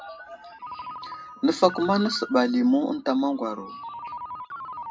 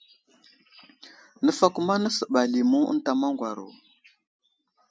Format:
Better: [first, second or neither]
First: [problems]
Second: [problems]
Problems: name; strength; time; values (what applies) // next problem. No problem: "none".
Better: second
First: background sound (Ringtone); 13 dB below the speech // room echo; dies away in 0.2 s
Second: none